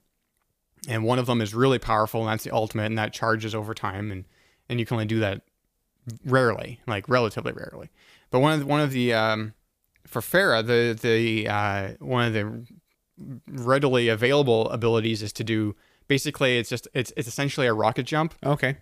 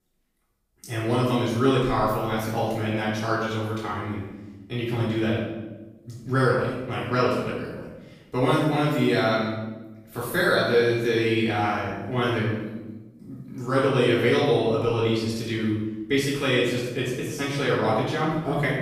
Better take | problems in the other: first | off-mic speech; far // room echo; strong; dies away in 1 s

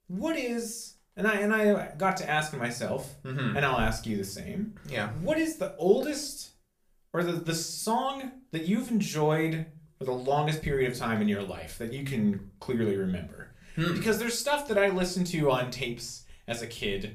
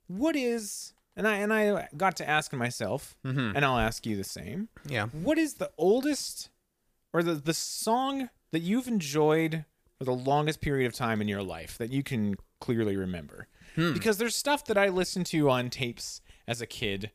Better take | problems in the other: second | room echo; very slight; dies away in 0.3 s // off-mic speech; somewhat distant

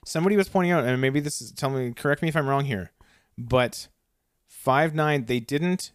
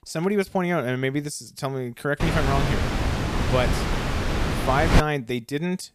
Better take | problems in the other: first | wind noise on the microphone; heavy; from 2 to 5 s; 1 dB below the speech

